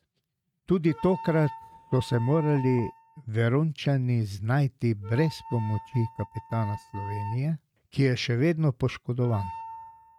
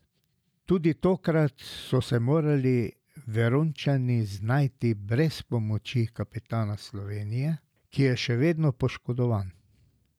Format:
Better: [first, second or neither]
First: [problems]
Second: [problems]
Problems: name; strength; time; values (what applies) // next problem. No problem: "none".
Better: second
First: noise reduction (neural mask model RNNoise)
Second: none